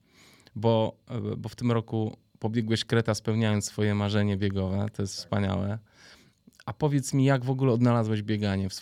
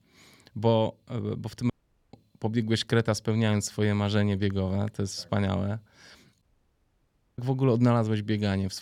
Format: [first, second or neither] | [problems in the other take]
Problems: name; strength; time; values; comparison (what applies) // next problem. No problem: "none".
first | audio cutting out; at 1.5 s and at 6.5 s for 1 s